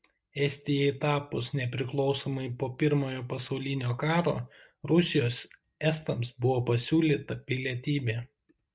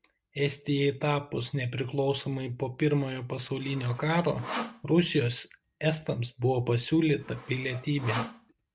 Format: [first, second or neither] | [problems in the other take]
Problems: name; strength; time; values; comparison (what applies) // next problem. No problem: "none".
first | background sound (Sawing); 12 dB below the speech